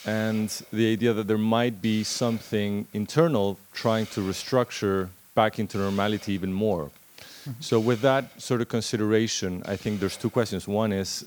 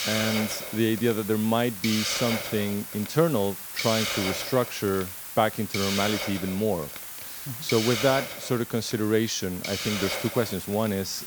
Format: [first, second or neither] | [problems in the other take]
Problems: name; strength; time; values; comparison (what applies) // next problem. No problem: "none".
first | hiss; loud; throughout; 4 dB below the speech; faint in the first